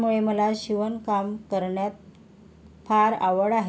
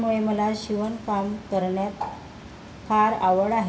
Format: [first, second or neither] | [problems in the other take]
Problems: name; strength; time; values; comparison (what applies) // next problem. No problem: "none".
first | background sound (Bird); 14 dB below the speech // room echo; dies away in 0.6 s